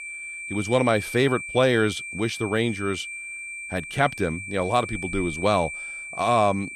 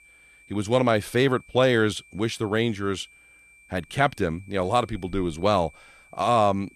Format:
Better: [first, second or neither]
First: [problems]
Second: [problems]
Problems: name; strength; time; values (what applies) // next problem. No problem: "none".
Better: second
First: high-pitched whine; loud; throughout; 2.5 kHz, 9 dB below the speech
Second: high-pitched whine; faint; throughout; 2.5 kHz, 25 dB below the speech